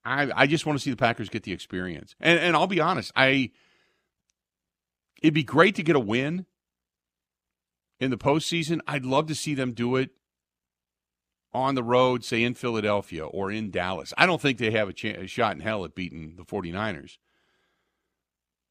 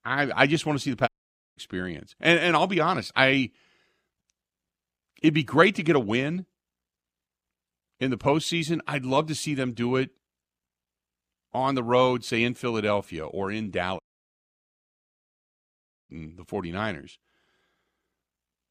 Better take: first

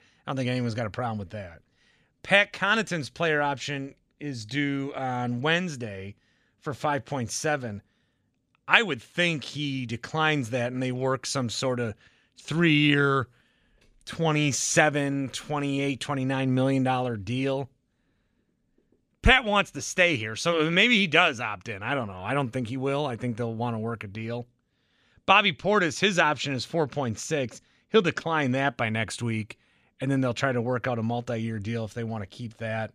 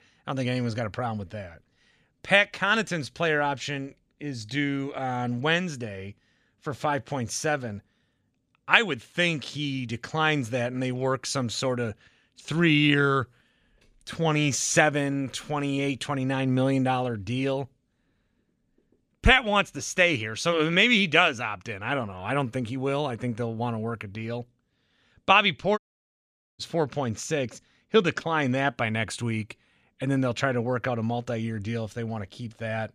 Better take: first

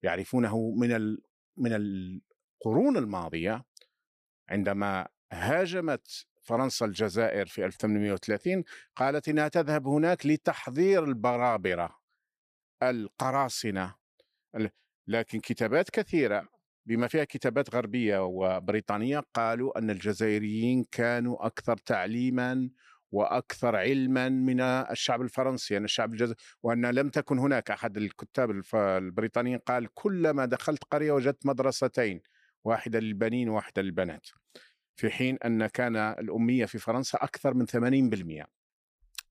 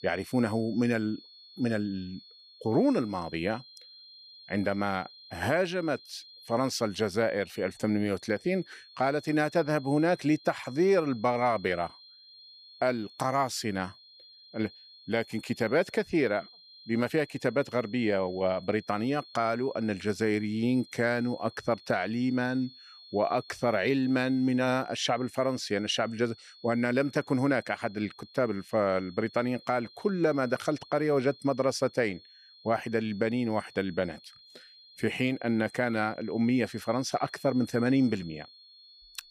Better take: first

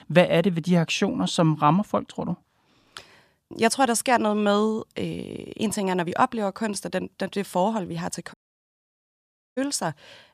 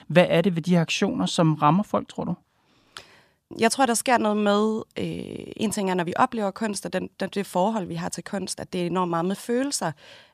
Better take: second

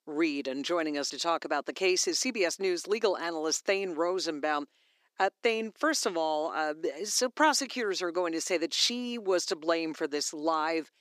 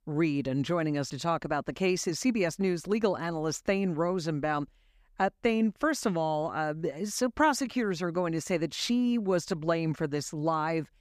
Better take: second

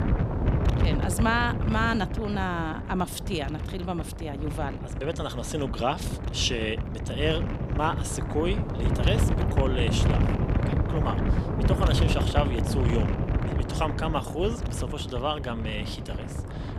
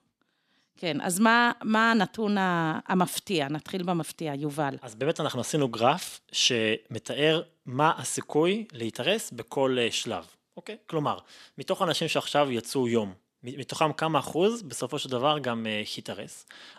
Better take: second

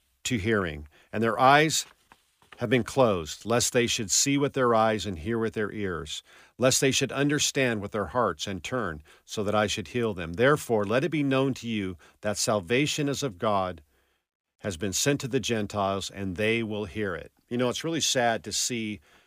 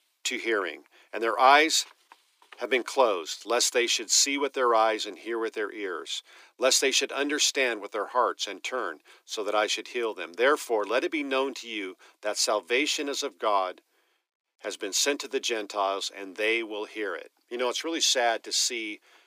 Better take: first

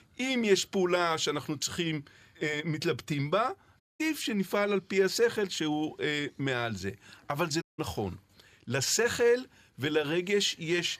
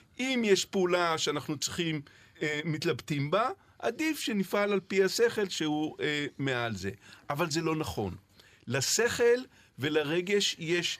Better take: second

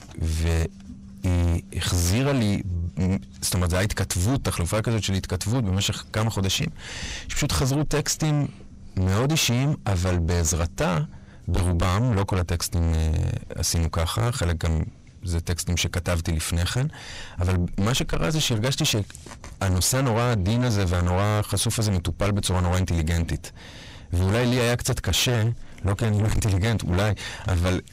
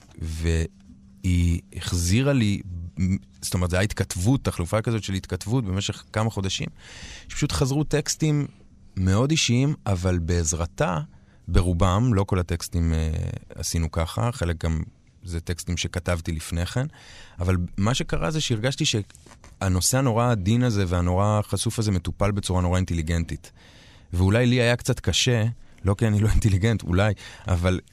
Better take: second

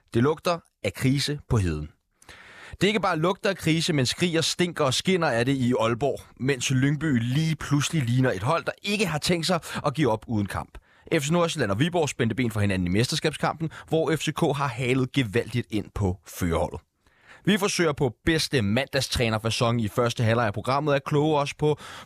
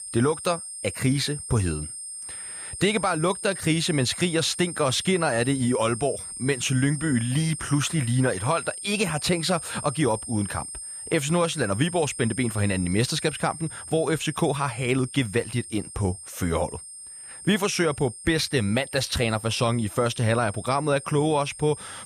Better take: first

